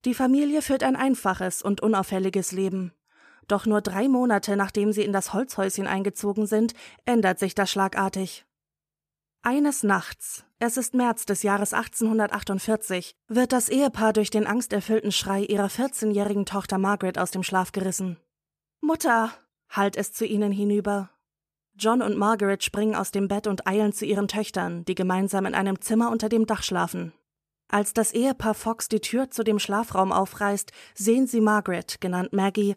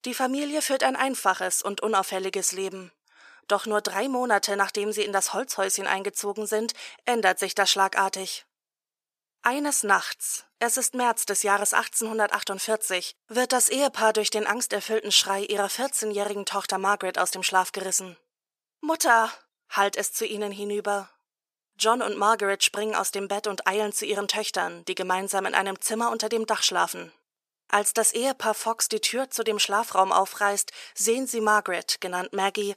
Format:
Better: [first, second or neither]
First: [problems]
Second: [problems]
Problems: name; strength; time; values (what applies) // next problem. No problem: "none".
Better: first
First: none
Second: thin; somewhat; fading below 500 Hz